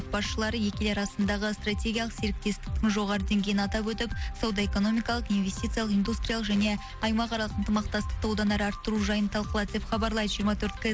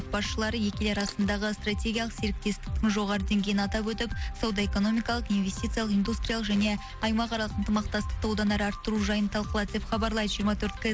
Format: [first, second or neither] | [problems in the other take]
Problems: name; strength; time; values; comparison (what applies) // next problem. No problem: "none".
first | background sound (Mechanisms); 15 dB below the speech